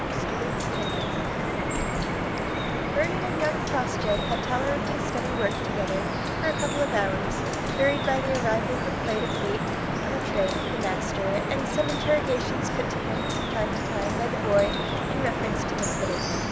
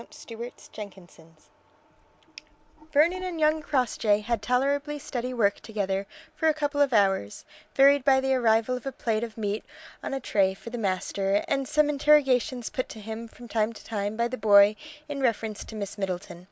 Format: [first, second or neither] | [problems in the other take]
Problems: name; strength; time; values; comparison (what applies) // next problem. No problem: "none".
second | background sound (Drip); 3 dB above the speech